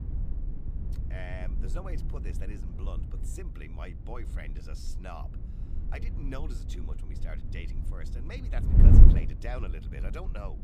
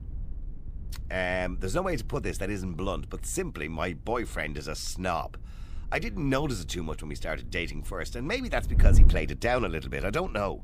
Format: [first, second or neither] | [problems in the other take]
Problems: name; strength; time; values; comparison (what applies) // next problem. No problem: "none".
second | wind noise on the microphone; heavy; as loud as the speech; occasional gusts in the second